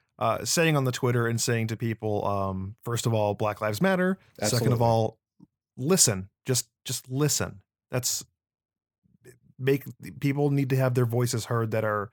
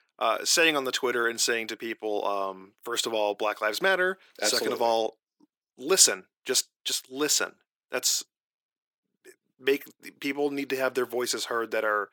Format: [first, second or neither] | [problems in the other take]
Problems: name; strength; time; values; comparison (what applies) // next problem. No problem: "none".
first | thin; somewhat; fading below 300 Hz